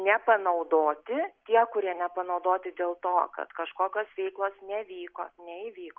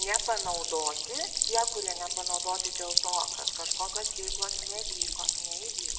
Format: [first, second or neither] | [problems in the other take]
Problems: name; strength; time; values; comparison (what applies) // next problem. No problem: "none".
first | background sound (Stream); 5 dB above the speech // room echo; dies away in 1.3 s